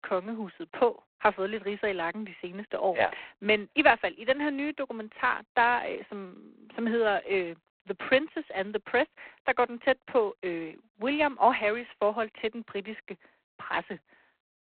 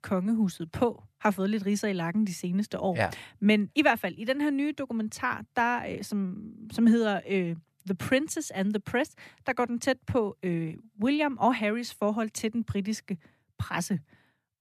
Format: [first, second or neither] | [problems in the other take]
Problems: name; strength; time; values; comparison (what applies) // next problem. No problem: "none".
second | phone-call audio; poor line; nothing above 4 kHz